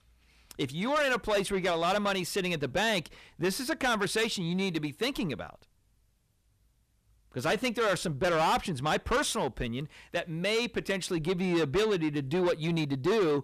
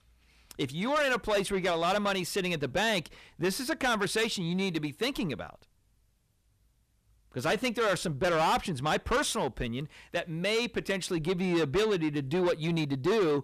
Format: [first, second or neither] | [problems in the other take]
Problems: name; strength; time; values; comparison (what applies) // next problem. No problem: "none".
neither | distortion; heavy; 7 dB below the speech; the same in both